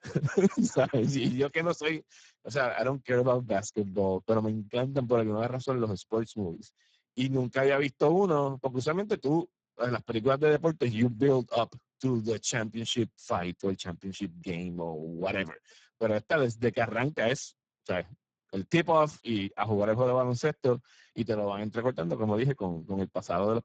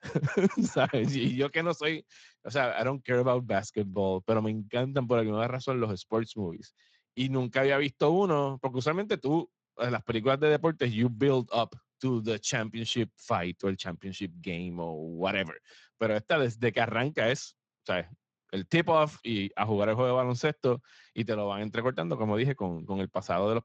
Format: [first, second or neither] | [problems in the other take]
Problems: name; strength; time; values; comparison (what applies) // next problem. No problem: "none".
second | garbled, watery; badly; nothing above 7.5 kHz; slightly in the second